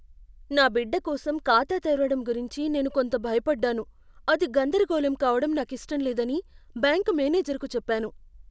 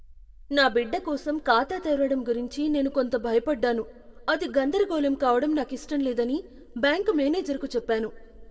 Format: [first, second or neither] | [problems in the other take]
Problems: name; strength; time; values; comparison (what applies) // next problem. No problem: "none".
first | room echo; dies away in 0.2 s